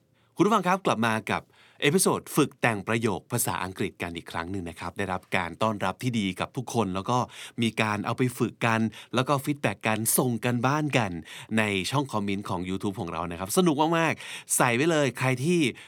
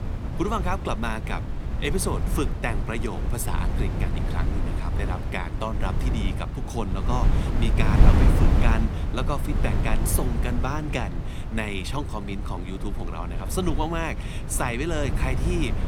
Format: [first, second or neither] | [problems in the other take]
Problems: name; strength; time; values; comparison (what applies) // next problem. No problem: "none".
first | wind noise on the microphone; heavy; 5 dB below the speech